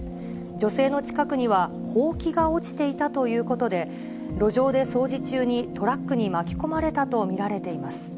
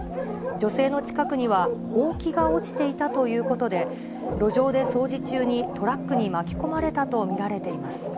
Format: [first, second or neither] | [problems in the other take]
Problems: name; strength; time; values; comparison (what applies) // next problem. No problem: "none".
first | background sound (Bark); 8 dB below the speech